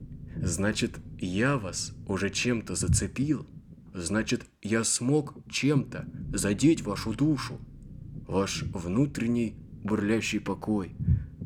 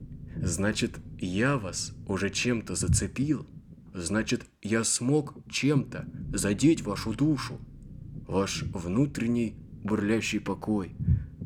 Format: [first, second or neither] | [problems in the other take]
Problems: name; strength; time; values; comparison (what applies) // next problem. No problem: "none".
neither | low rumble; noticeable; throughout; 20 dB below the speech; the same in both